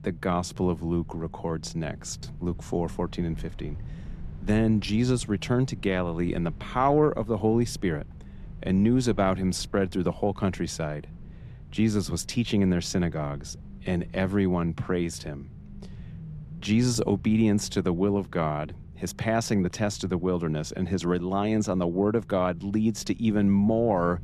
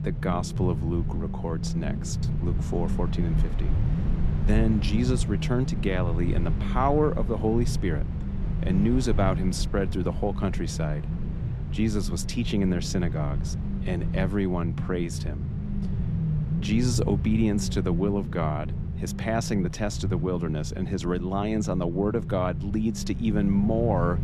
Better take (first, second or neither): first